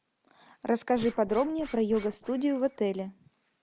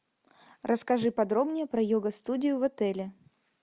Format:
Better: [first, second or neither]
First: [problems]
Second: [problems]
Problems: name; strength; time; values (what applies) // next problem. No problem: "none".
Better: second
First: background sound (Scratching (performance technique)); 19 dB below the speech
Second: none